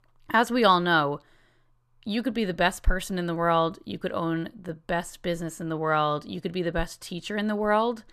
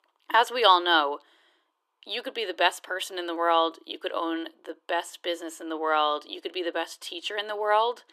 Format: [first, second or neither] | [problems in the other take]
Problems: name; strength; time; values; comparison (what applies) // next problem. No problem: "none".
first | thin; very; fading below 300 Hz